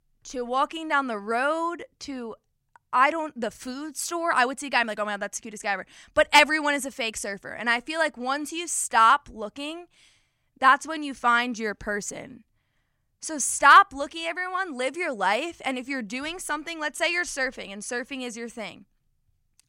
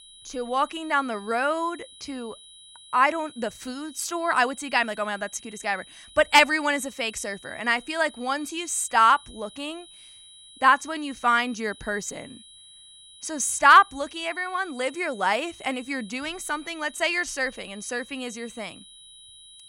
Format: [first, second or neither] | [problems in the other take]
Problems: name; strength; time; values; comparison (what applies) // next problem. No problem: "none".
first | high-pitched whine; faint; throughout; 4 kHz, 20 dB below the speech